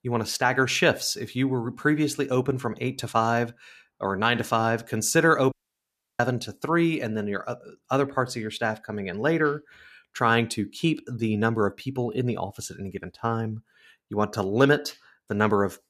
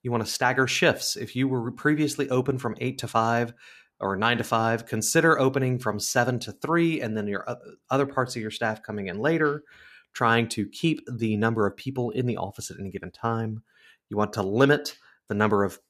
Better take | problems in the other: second | audio cutting out; at 5.5 s for 0.5 s

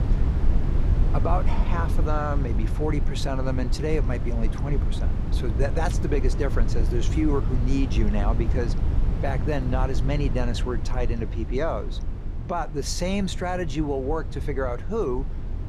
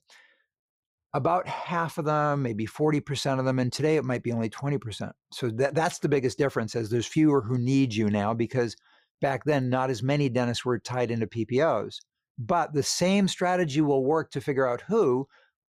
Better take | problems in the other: second | low rumble; loud; throughout; 9 dB below the speech

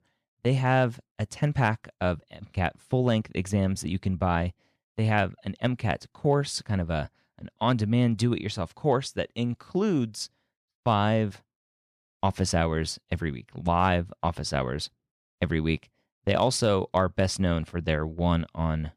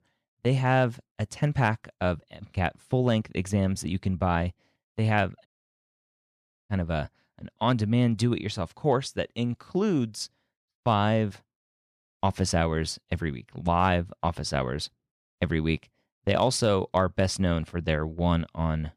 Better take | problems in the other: first | audio cutting out; at 5.5 s for 1 s

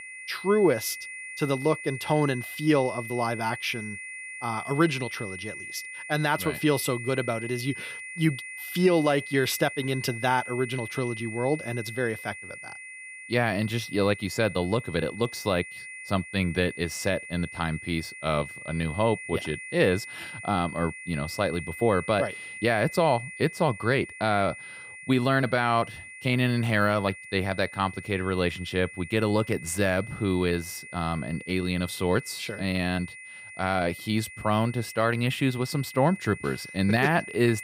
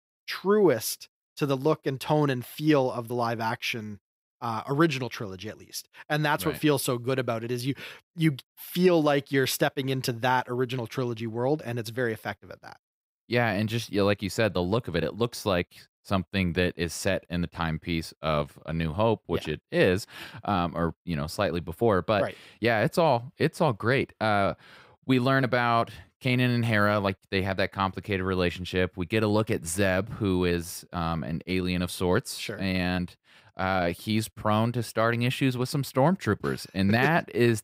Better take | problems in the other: second | high-pitched whine; noticeable; throughout; 2 kHz, 10 dB below the speech

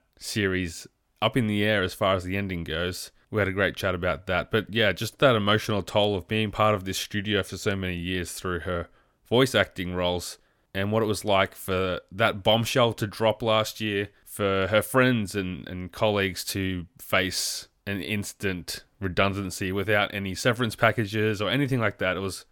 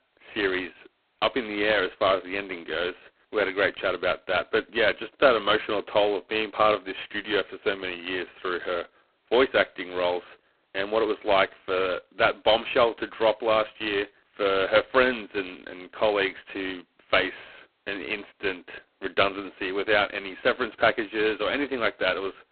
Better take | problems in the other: first | phone-call audio; poor line; nothing above 4 kHz

